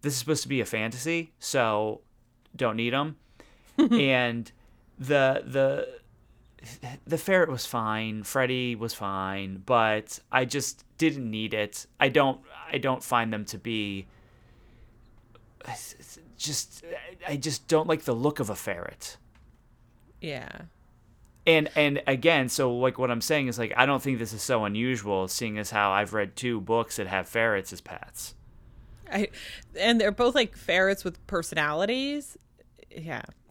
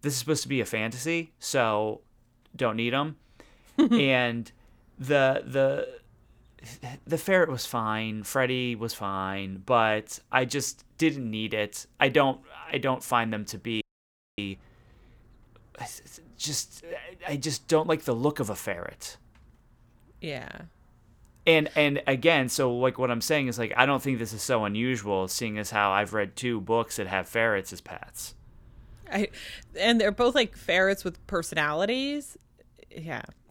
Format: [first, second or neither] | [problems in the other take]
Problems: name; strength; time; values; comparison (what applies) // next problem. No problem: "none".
first | audio freezing; at 14 s for 0.5 s